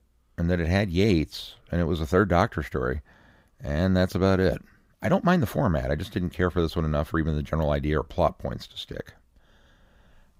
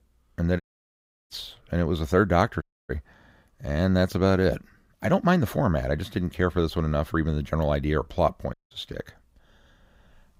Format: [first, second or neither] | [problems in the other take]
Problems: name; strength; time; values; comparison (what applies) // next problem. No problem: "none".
first | audio cutting out; at 0.5 s for 0.5 s, at 2.5 s and at 8.5 s